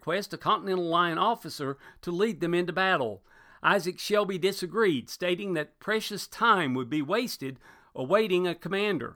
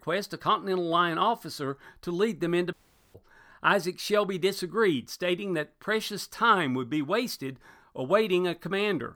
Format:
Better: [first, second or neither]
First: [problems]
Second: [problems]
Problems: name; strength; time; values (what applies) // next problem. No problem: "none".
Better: first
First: none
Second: audio cutting out; at 2.5 s